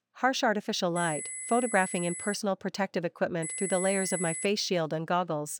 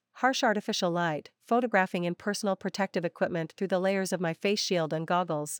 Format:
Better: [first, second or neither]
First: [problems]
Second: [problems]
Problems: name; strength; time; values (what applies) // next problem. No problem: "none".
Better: second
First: high-pitched whine; loud; from 1 to 2.5 s and from 3.5 to 4.5 s; 10 kHz, 5 dB below the speech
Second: none